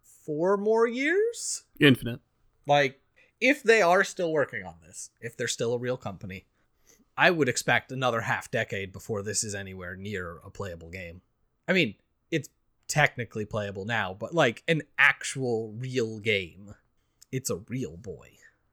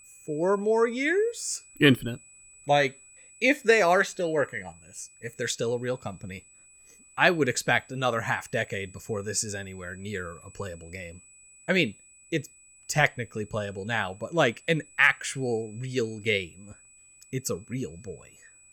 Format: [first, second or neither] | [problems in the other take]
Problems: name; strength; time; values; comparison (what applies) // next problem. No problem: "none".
first | high-pitched whine; faint; throughout; 8 kHz, 25 dB below the speech